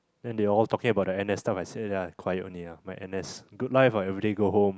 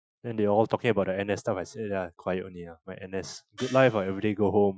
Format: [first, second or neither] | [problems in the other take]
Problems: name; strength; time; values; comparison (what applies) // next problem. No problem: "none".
first | noise reduction (classical method Wiener filter)